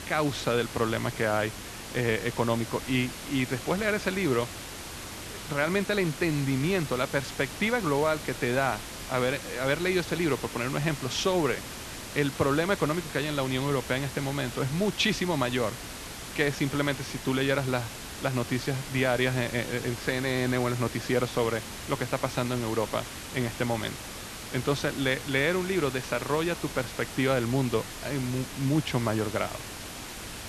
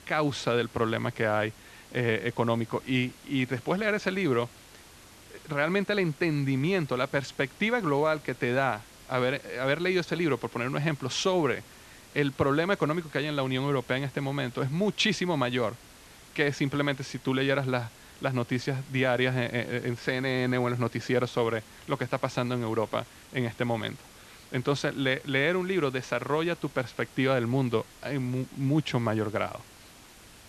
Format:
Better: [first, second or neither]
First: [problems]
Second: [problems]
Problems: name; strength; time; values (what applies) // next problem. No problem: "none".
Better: second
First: hiss; loud; throughout; 9 dB below the speech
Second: hiss; faint; throughout; 20 dB below the speech